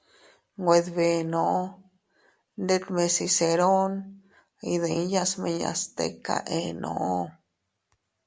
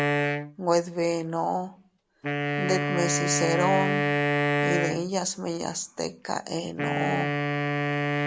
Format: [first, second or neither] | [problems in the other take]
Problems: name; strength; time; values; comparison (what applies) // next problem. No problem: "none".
first | background sound (Wind instrument, woodwind instrument); 1 dB above the speech